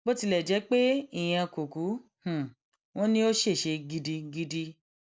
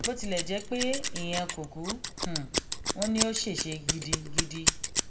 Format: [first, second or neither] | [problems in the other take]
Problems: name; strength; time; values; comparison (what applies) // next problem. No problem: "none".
first | background sound (Scissors); 2 dB above the speech // room echo; dies away in 1.1 s